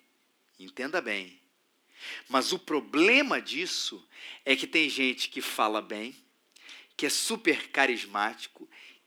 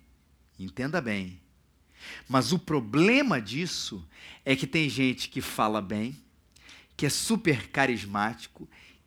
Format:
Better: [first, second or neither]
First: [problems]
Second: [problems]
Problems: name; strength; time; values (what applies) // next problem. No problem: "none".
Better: second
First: thin; very slightly; fading below 300 Hz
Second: none